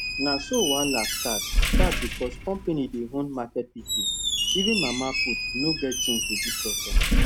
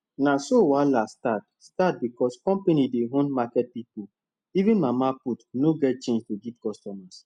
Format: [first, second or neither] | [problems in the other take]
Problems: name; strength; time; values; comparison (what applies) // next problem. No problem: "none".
second | background sound (Squeak); 4 dB above the speech